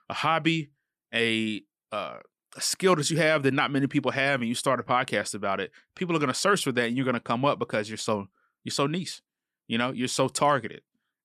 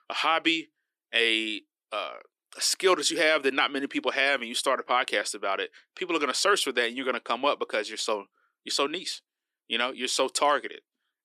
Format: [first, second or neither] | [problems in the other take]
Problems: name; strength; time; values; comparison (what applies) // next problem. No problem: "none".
first | thin; somewhat; fading below 350 Hz